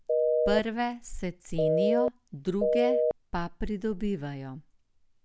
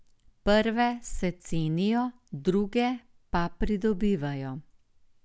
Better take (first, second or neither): second